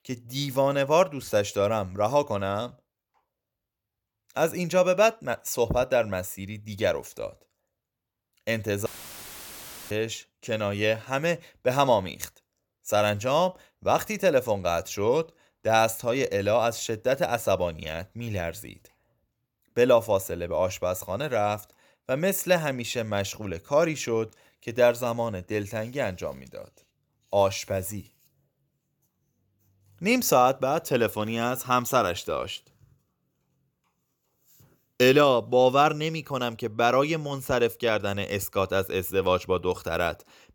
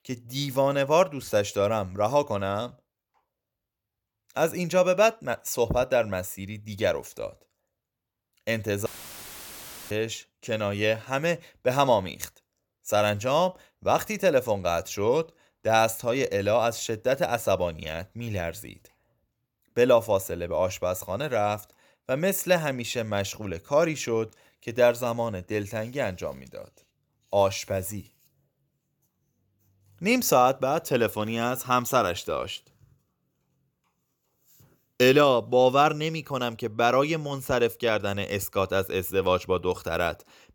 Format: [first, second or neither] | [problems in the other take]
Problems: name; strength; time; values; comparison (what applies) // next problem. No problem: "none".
neither | audio cutting out; filled with static; at 9 s for 1 s; the same in both